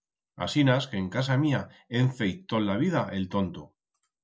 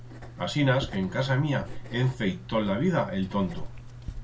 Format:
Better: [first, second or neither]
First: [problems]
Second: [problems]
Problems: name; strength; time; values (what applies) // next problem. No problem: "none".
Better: first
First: none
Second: background sound (Writing); 12 dB below the speech // room echo; dies away in 0.2 s